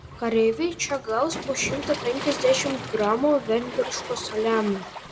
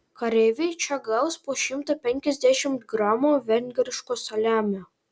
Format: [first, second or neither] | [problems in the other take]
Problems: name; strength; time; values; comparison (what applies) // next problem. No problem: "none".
second | background sound (Waves, surf); 10 dB below the speech // room echo; dies away in 1.2 s